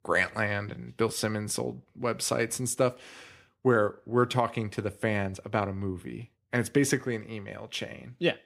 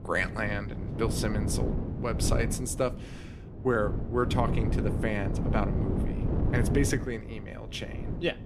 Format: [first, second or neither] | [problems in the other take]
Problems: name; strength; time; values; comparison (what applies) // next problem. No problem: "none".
first | wind noise on the microphone; heavy; 7 dB below the speech